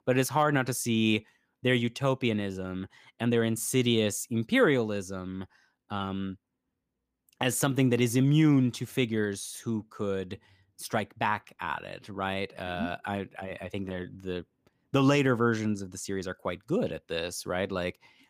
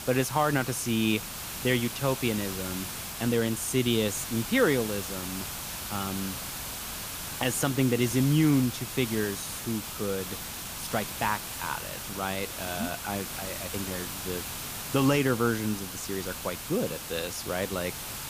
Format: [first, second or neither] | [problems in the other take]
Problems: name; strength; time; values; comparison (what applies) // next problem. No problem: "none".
first | hiss; loud; throughout; 6 dB below the speech